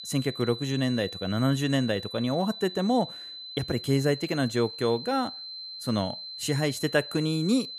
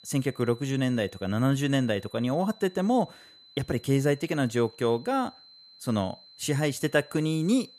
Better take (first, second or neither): second